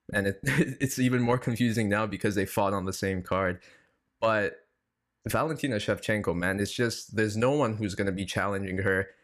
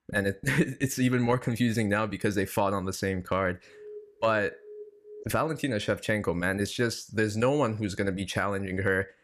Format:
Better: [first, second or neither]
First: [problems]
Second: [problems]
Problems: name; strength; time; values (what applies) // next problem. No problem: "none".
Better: first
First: none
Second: alarm; faint; from 3.5 to 5 s; peak 15 dB below the speech